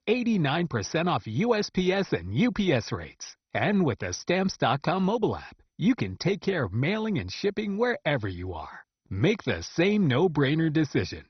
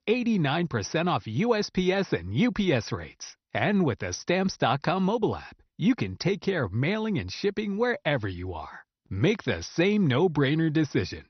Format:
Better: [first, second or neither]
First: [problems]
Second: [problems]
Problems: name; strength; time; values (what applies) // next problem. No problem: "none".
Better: second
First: garbled, watery; badly; nothing above 6 kHz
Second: garbled, watery; slightly; nothing above 6 kHz